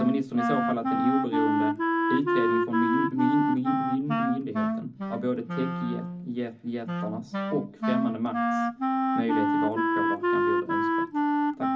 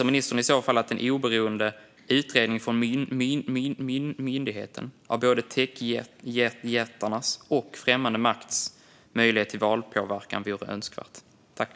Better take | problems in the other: second | background sound (Wind instrument, woodwind instrument); 4 dB above the speech // room echo; dies away in 0.4 s

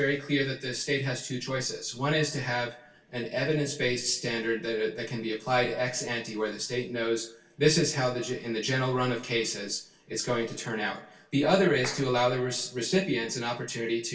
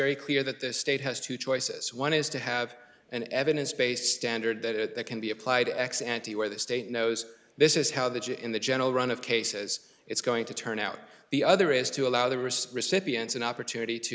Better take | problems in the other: second | background sound (Clapping); 16 dB below the speech // room echo; dies away in 0.2 s

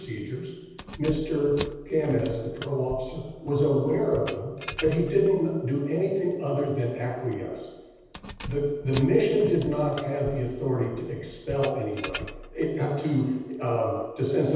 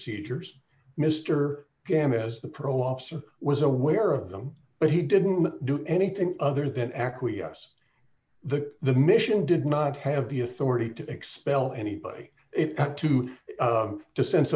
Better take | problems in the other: second | background sound (Keys jangling); 15 dB below the speech // room echo; dies away in 1.1 s

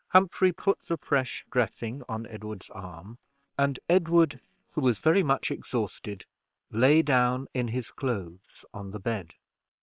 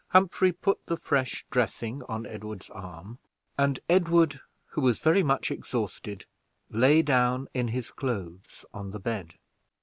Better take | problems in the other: second | noise reduction (neural separator model SepFormer WHAM!)

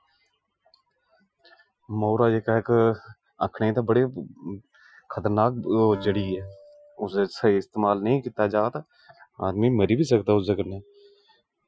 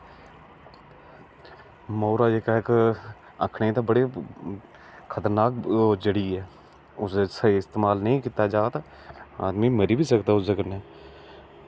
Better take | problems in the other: second | noise reduction (classical method Wiener filter)

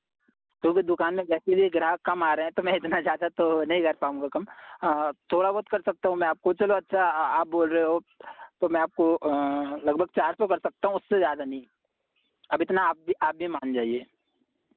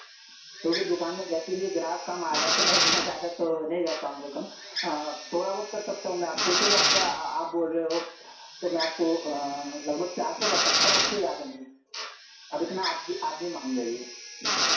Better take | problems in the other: first | background sound (Drill); 1 dB above the speech // room echo; dies away in 0.6 s

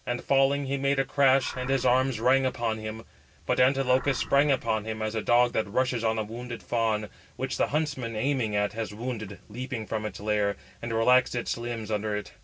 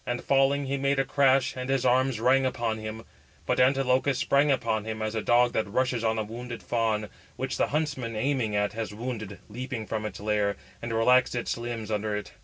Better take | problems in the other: second | background sound (Animal); 16 dB below the speech

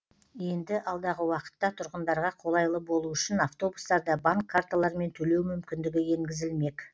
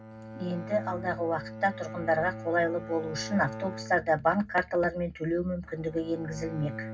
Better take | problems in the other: first | background sound (Bowed string instrument); 11 dB below the speech // room echo; dies away in 0.4 s

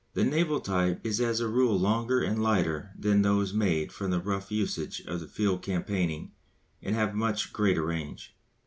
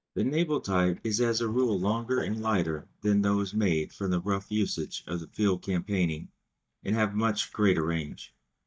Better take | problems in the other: first | noise reduction (neural mask model DeepFilterNet 3)

